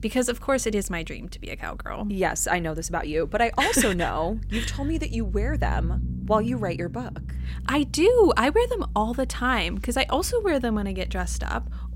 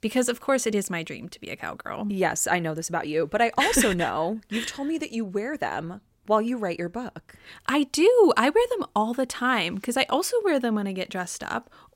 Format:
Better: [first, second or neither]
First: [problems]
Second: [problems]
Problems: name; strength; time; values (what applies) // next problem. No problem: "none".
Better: second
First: low rumble; faint; throughout; 25 dB below the speech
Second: none